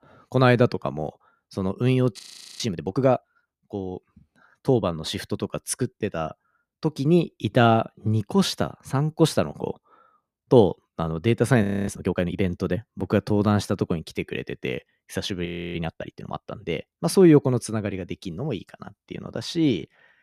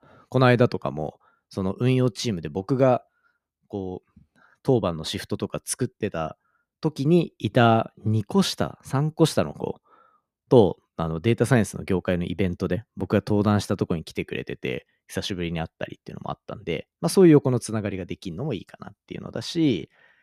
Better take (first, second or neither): second